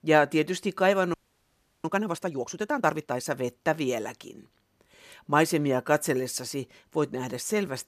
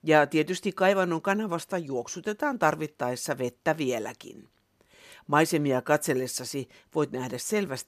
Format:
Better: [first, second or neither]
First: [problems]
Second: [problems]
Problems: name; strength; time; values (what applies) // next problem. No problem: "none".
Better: second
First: audio freezing; at 1 s for 0.5 s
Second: none